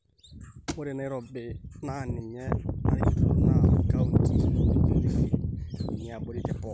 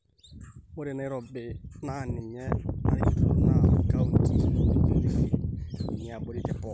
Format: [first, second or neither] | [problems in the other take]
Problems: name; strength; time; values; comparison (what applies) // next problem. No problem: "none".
second | background sound (Thump, thud); 14 dB below the speech